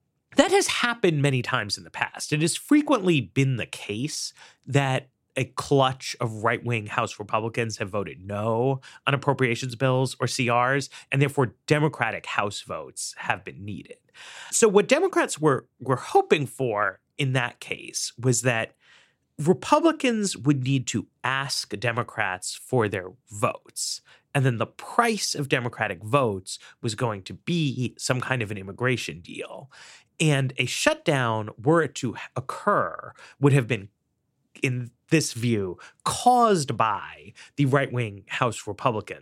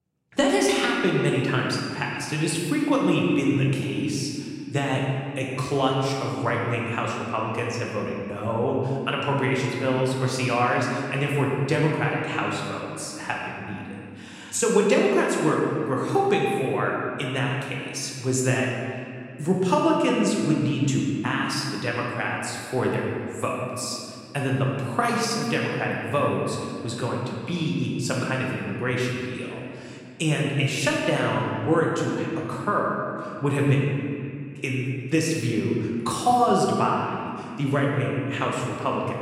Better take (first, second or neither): first